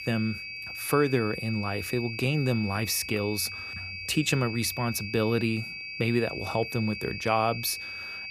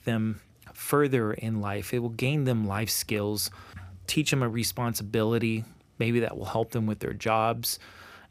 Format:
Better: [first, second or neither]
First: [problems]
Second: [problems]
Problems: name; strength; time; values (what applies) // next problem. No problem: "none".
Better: second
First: high-pitched whine; loud; throughout; 2.5 kHz, 7 dB below the speech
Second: none